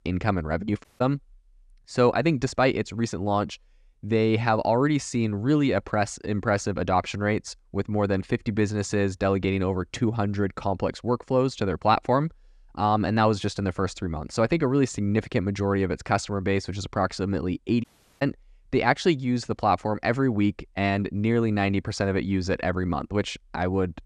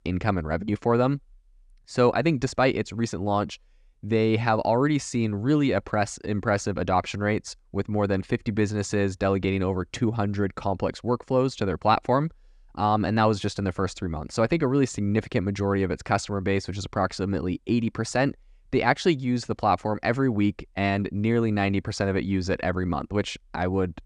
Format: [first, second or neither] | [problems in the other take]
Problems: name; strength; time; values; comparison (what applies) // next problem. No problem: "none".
second | audio cutting out; at 1 s and at 18 s